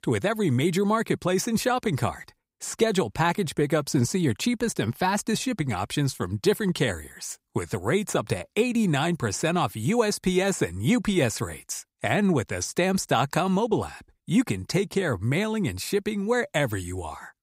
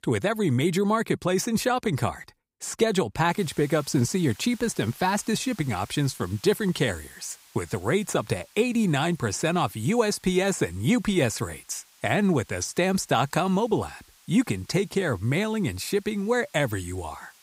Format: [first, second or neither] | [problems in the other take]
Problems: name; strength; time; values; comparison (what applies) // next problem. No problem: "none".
first | hiss; faint; from 3.5 s on; 25 dB below the speech